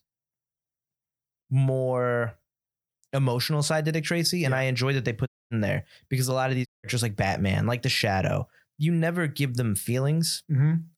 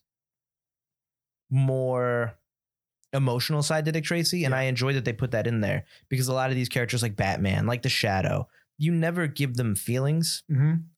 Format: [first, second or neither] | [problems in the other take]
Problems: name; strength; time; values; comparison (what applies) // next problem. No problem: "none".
second | audio cutting out; at 5.5 s and at 6.5 s